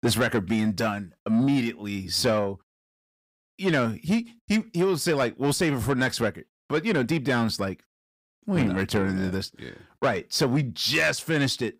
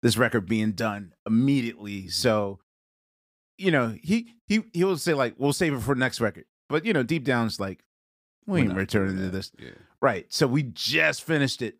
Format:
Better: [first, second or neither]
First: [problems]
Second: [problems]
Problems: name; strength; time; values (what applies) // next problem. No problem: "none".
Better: second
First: distortion; slight; 10 dB below the speech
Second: none